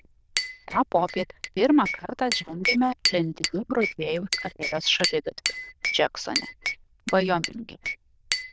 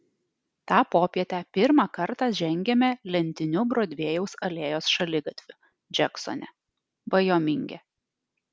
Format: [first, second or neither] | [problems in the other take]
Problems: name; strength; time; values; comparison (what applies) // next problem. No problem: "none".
second | noise reduction (neural diffusion model UNIVERSE++)